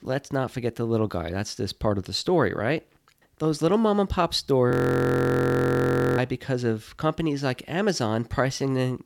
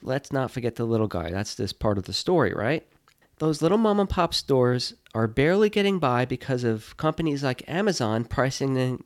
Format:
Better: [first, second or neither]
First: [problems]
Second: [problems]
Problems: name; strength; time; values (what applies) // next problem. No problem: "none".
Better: second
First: audio freezing; at 4.5 s for 1.5 s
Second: none